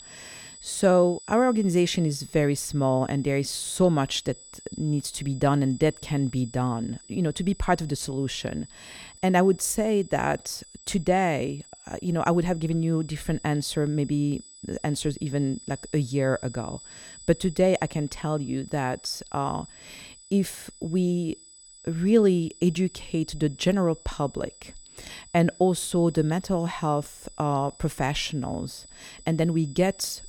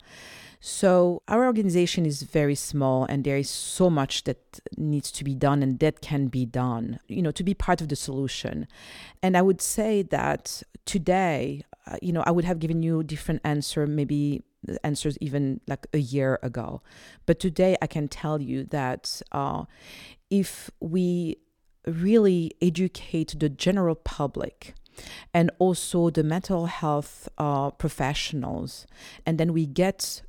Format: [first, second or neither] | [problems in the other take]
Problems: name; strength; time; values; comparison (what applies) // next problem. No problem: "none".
second | high-pitched whine; faint; throughout; 8 kHz, 20 dB below the speech